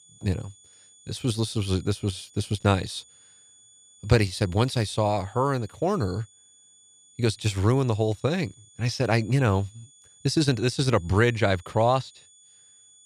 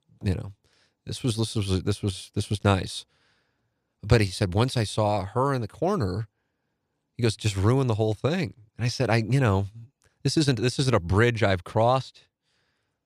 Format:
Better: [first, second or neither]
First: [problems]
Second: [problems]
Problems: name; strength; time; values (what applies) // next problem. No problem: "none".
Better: second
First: high-pitched whine; faint; throughout; 7 kHz, 25 dB below the speech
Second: none